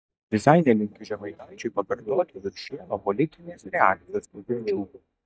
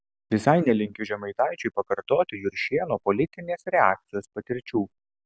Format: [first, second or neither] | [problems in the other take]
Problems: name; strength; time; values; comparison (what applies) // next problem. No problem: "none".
second | noise reduction (neural mask model DeepFilterNet 3)